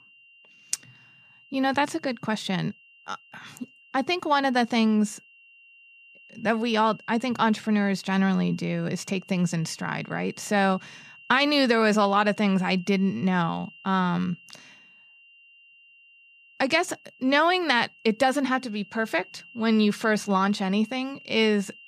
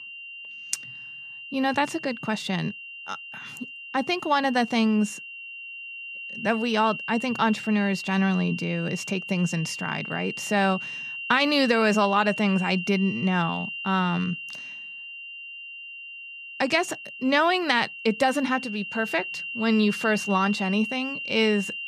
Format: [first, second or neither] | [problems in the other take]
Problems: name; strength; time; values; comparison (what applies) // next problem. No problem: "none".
first | high-pitched whine; loud; throughout; 3 kHz, 9 dB below the speech; faint in the first